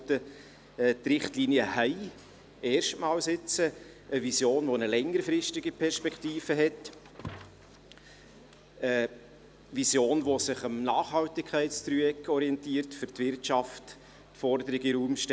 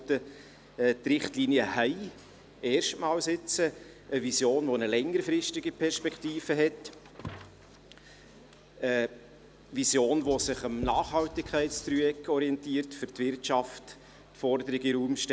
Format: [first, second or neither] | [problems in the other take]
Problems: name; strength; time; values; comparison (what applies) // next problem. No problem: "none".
first | background sound (Writing); 15 dB below the speech